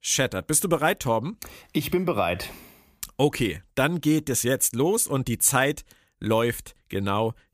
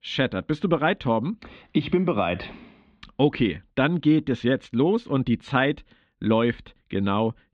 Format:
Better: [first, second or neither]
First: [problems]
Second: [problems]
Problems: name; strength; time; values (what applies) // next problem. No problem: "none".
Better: first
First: none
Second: muffled; very; fading above 4 kHz